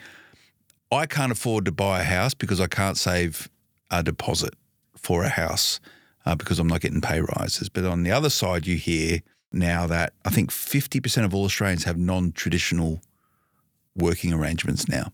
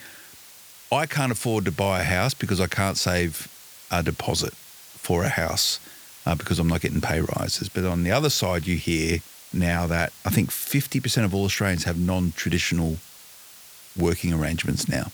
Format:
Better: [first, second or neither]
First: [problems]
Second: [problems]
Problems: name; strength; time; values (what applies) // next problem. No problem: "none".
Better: first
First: none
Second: hiss; noticeable; throughout; 20 dB below the speech